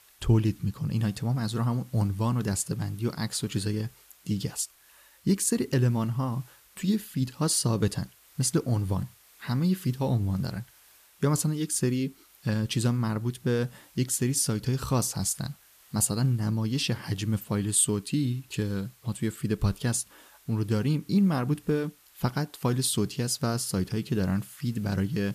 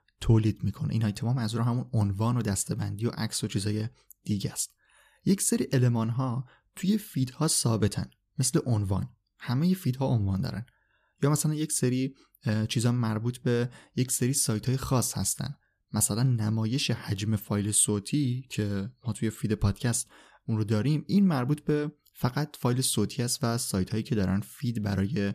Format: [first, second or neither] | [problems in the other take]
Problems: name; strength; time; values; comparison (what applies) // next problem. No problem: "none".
second | hiss; faint; throughout; 25 dB below the speech